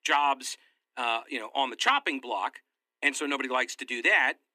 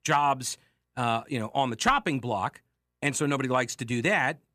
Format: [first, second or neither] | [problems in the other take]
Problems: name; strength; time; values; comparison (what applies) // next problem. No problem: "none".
second | thin; somewhat; fading below 250 Hz